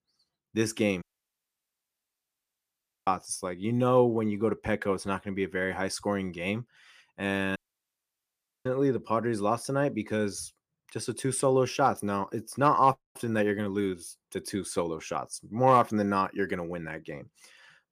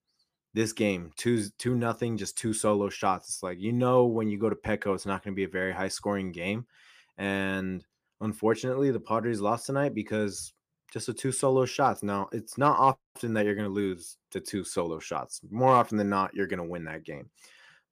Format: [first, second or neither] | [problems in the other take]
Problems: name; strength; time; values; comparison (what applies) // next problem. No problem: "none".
second | audio cutting out; at 1 s for 2 s and at 7.5 s for 1 s